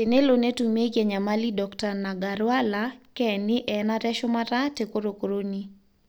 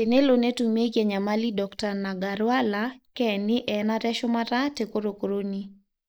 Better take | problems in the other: first | noise reduction (neural mask model Resemble Enhance denoiser)

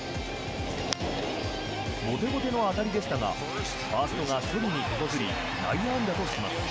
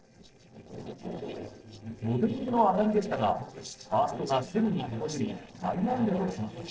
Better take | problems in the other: first | noise reduction (neural separator model SepFormer DNS4)

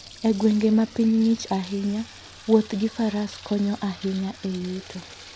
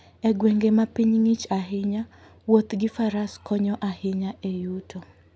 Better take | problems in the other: second | background sound (Sink (filling or washing) / Water tap, faucet); 20 dB below the speech

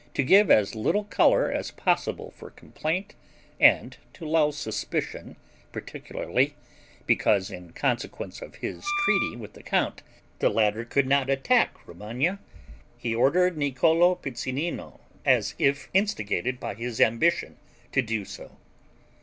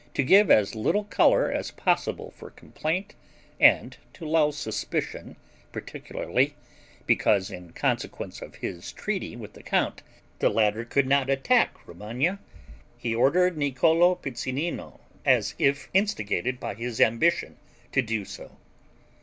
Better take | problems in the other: second | background sound (Wind instrument, woodwind instrument); 3 dB below the speech

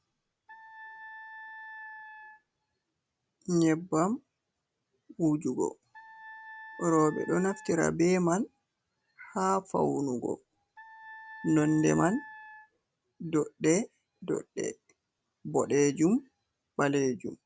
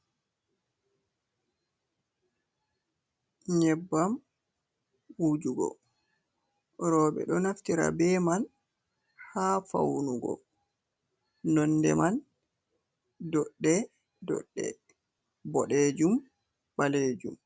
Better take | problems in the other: second | background sound (Wind instrument, woodwind instrument); 17 dB below the speech

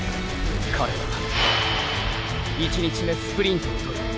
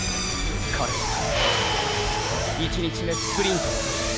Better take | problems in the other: first | background sound (Drill); 2 dB below the speech

